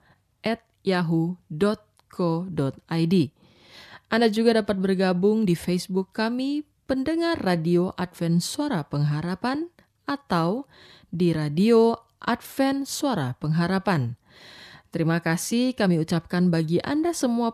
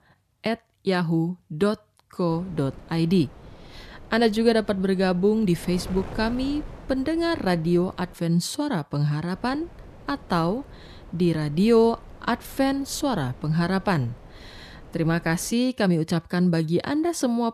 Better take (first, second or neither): first